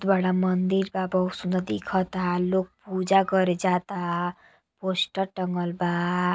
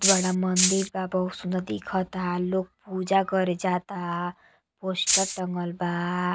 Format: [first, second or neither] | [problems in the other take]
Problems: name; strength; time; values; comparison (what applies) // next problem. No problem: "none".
first | background sound (Rattle (instrument)); 3 dB above the speech